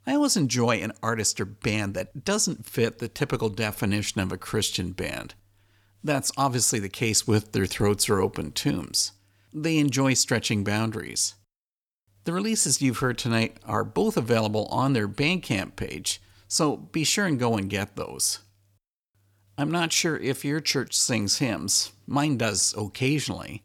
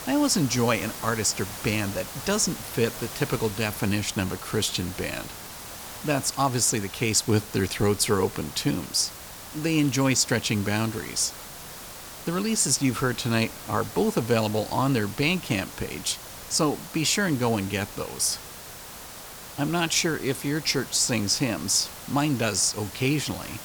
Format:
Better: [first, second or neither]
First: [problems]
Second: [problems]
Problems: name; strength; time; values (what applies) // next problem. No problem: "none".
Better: first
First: none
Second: hiss; noticeable; throughout; 15 dB below the speech